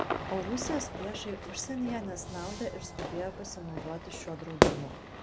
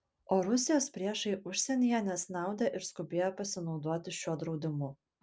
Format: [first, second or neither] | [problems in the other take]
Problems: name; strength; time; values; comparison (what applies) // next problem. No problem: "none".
second | background sound (Crowd / Cheering / Fireworks + Fire / Fireworks); 4 dB above the speech